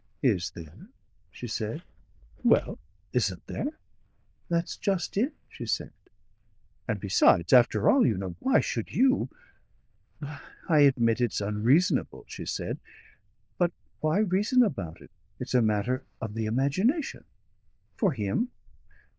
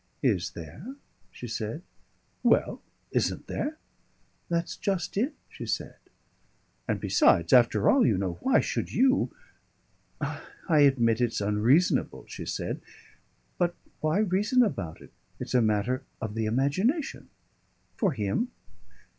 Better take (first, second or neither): second